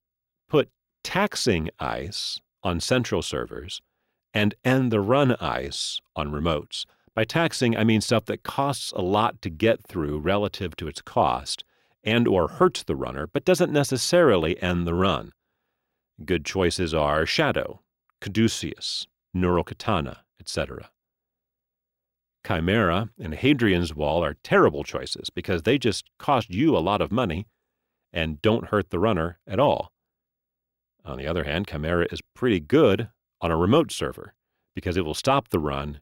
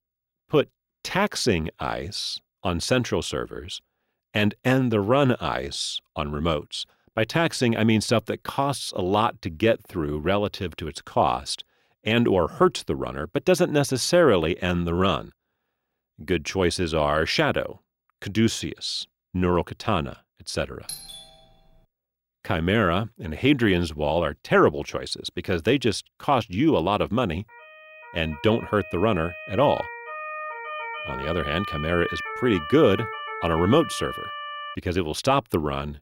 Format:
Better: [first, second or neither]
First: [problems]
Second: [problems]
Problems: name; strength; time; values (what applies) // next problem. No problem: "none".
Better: first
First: none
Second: doorbell; faint; at 21 s; peak 10 dB below the speech // siren; noticeable; from 27 to 35 s; peak 6 dB below the speech